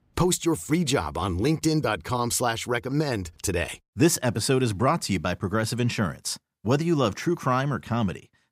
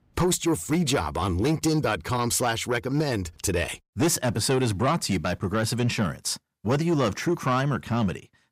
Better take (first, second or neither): first